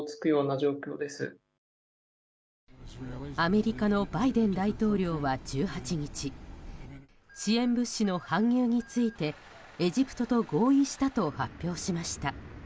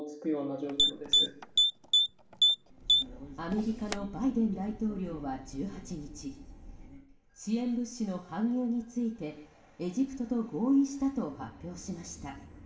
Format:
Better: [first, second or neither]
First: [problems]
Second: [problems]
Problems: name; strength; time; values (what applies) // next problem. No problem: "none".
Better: first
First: none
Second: background sound (Typing); 4 dB above the speech // room echo; dies away in 0.7 s